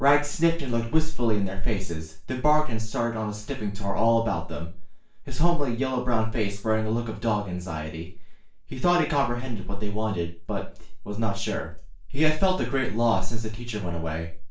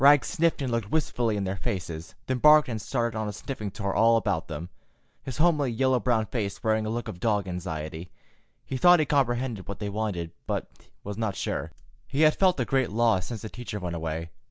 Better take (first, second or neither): second